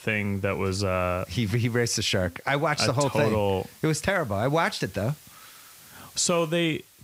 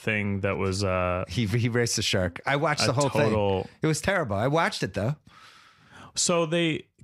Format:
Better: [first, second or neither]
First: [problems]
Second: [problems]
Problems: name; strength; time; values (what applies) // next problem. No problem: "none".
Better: second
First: hiss; faint; throughout; 25 dB below the speech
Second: none